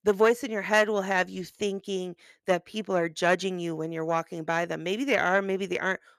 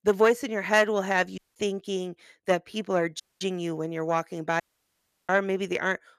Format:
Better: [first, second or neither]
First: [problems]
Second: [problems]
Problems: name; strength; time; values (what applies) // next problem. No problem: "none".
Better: first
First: none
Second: audio cutting out; at 1.5 s, at 3 s and at 4.5 s for 0.5 s